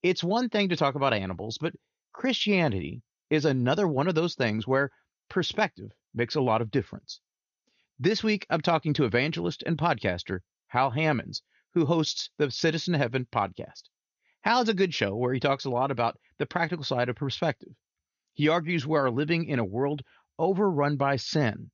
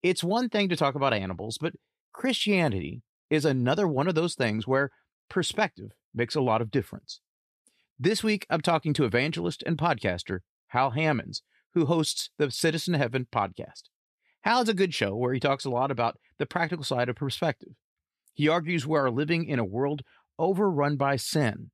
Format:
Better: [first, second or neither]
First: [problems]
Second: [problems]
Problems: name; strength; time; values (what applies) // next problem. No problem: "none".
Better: second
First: garbled, watery; slightly; nothing above 6.5 kHz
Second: none